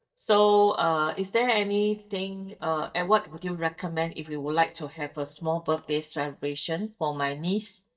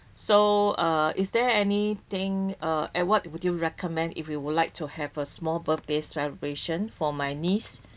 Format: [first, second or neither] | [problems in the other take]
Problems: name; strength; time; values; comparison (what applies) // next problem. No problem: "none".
second | noise reduction (neural mask model DeepFilterNet 3)